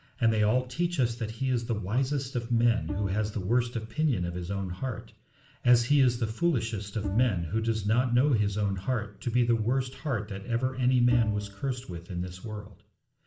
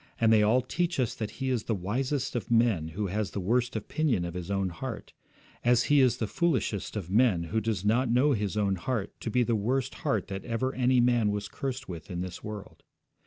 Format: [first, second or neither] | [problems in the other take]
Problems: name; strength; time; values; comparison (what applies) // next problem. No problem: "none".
second | background sound (Bowed string instrument); 14 dB below the speech // room echo; dies away in 0.4 s